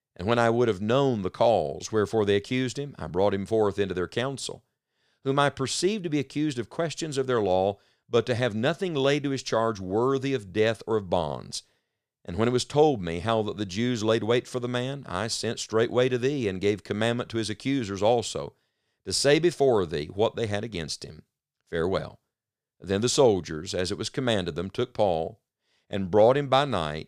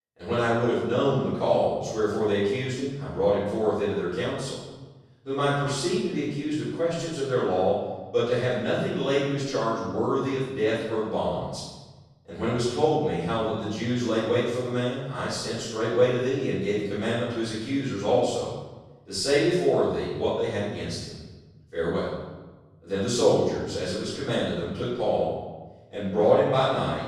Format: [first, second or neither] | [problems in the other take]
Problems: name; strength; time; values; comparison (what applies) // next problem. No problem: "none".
first | off-mic speech; far // room echo; strong; dies away in 1 s